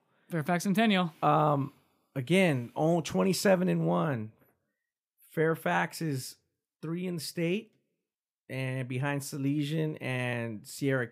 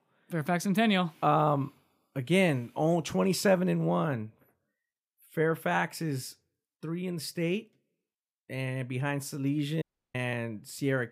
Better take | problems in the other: first | audio cutting out; at 10 s

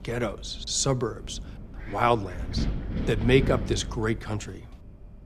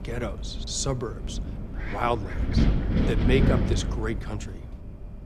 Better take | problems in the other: first | wind noise on the microphone; heavy; 4 dB below the speech; occasional gusts in the first

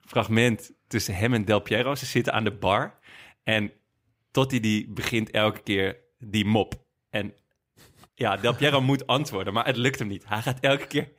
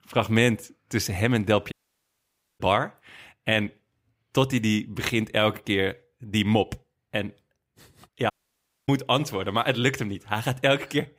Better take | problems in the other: first | audio cutting out; at 1.5 s for 1 s and at 8.5 s for 0.5 s

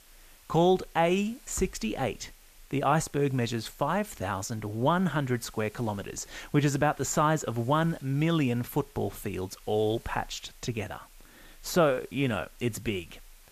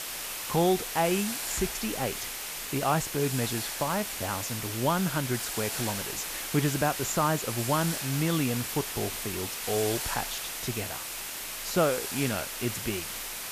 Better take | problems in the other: first | hiss; loud; throughout; 3 dB below the speech; faint in the first

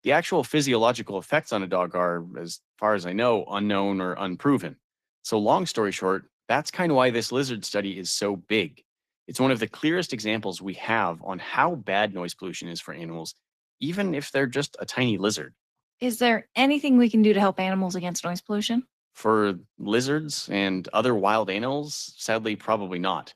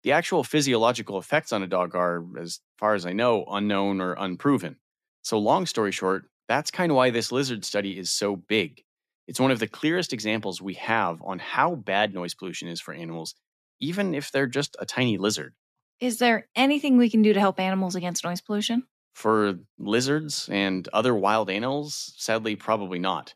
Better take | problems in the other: second | garbled, watery; slightly; nothing above 14 kHz

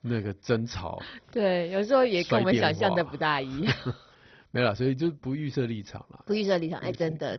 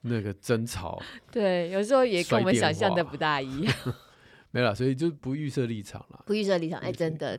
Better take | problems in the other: second | garbled, watery; badly; nothing above 6 kHz

